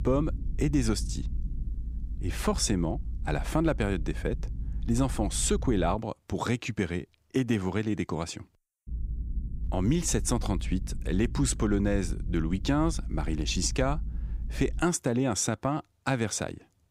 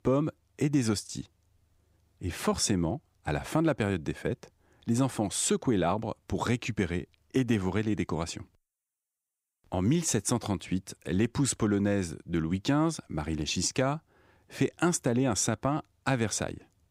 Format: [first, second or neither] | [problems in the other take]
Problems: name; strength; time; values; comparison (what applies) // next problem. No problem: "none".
second | low rumble; faint; until 6 s and from 9 to 15 s; 20 dB below the speech